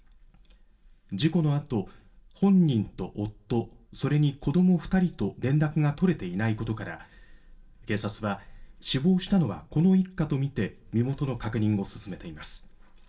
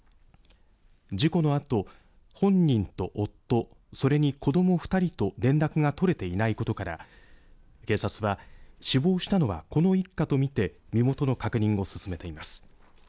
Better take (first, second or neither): second